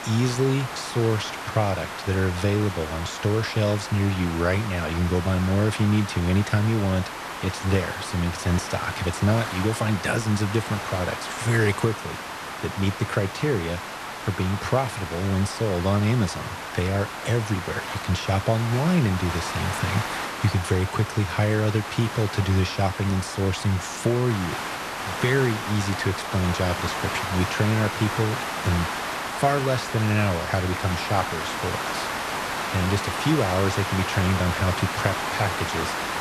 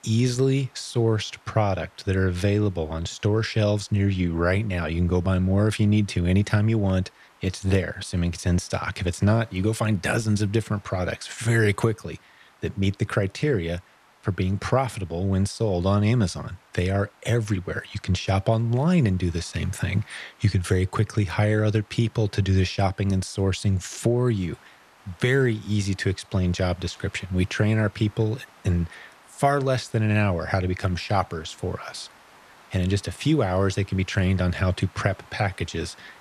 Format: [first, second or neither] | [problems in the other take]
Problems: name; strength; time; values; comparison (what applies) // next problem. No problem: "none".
second | hiss; loud; throughout; 5 dB below the speech; faint in the second